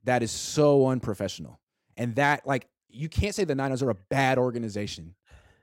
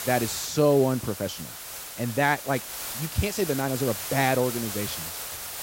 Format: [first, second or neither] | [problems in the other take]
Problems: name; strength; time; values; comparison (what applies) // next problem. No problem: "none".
first | hiss; loud; throughout; 7 dB below the speech